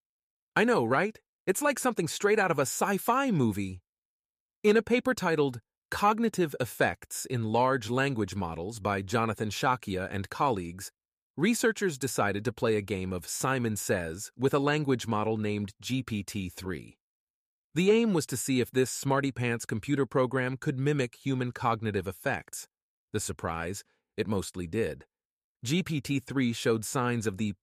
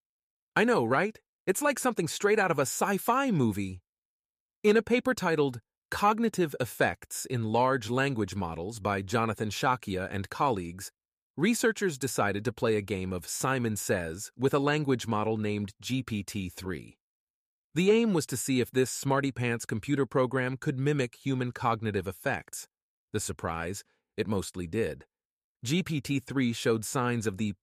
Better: neither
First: none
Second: none

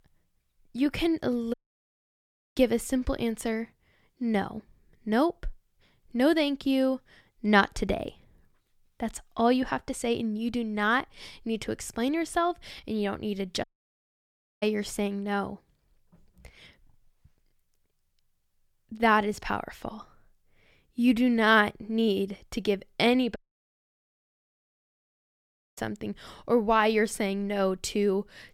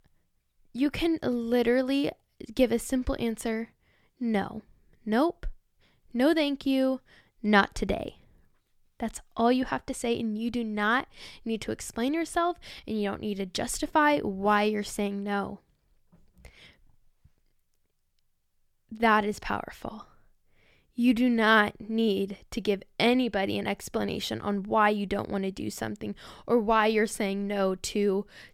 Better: second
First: audio cutting out; at 1.5 s for 1 s, at 14 s for 1 s and at 23 s for 2.5 s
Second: none

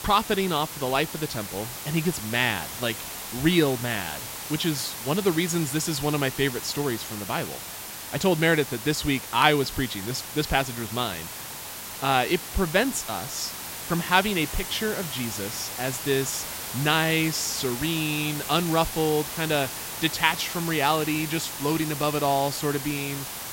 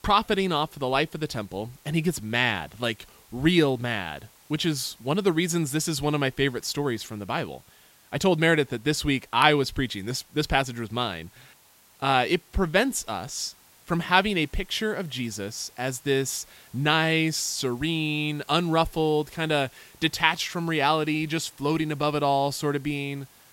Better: second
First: hiss; loud; throughout; 7 dB below the speech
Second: hiss; faint; throughout; 30 dB below the speech

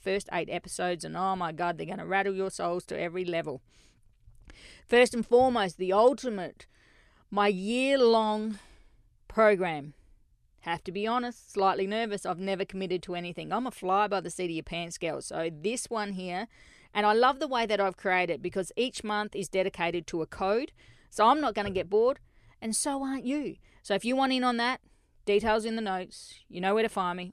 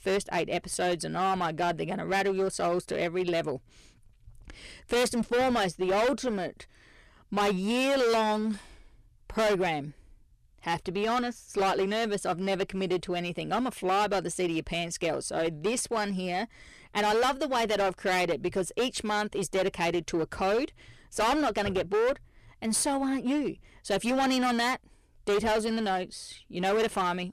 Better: first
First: none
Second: distortion; heavy; 15% of the sound clipped

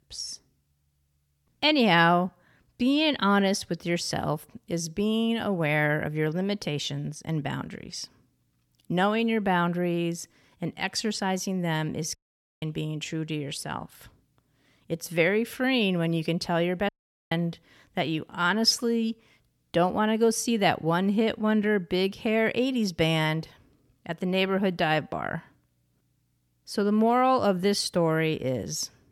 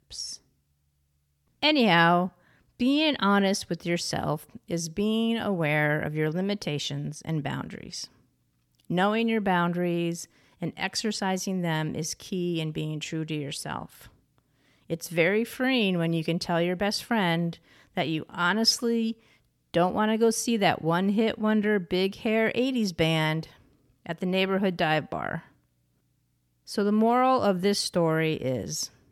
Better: second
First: audio cutting out; at 12 s and at 17 s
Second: none

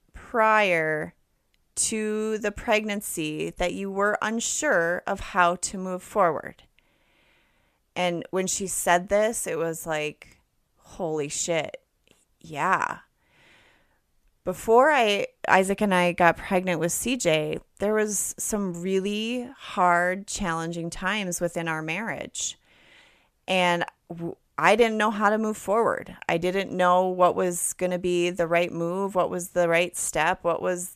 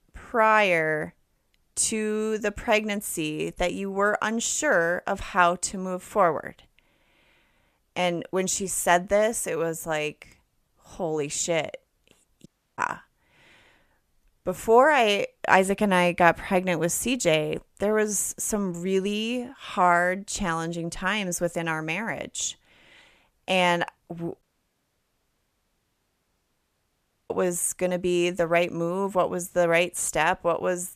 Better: first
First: none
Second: audio cutting out; at 12 s and at 24 s for 3 s

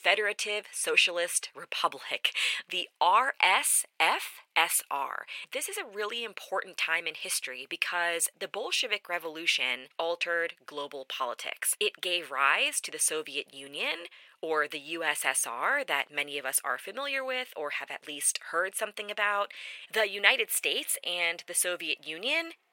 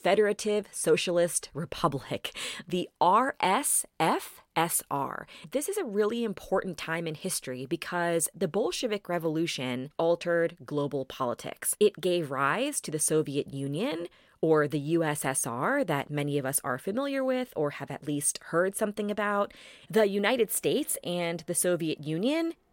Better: second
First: thin; very; fading below 750 Hz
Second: none

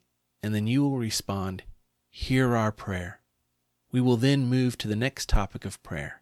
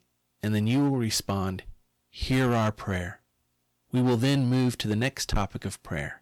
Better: first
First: none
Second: distortion; slight; 8% of the sound clipped

